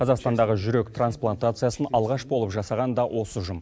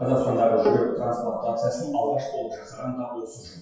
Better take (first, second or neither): first